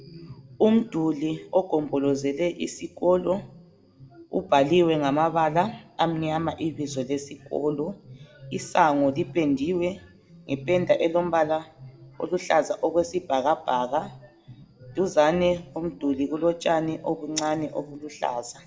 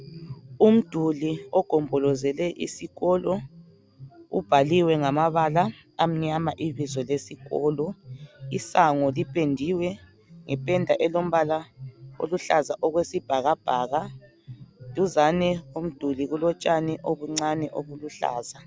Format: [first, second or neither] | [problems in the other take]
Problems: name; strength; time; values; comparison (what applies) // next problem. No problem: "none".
second | room echo; dies away in 0.5 s